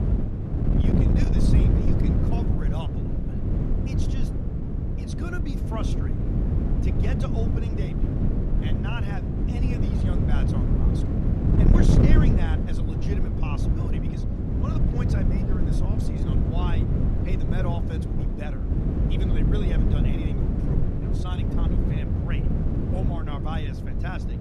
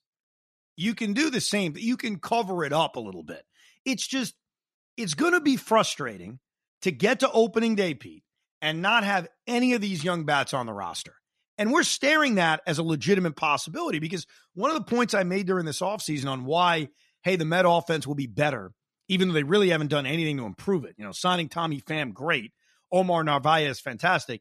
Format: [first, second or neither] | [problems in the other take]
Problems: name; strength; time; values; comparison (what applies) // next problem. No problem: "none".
second | wind noise on the microphone; heavy; 5 dB above the speech